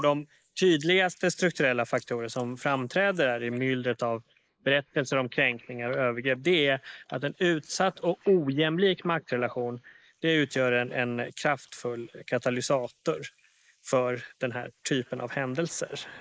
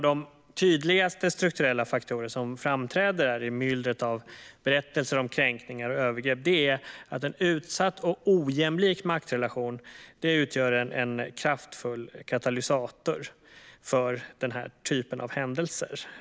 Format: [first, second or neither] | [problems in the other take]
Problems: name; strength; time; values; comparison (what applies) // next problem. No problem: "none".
second | noise reduction (neural mask model Resemble Enhance denoiser)